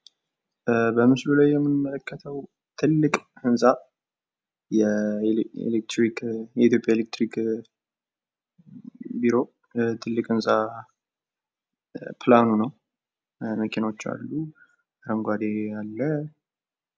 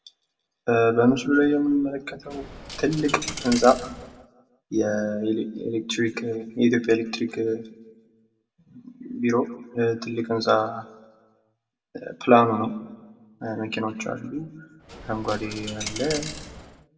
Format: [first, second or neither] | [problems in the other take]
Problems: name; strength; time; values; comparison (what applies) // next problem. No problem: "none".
first | background sound (Coin (dropping)); 11 dB below the speech // room echo; dies away in 0.9 s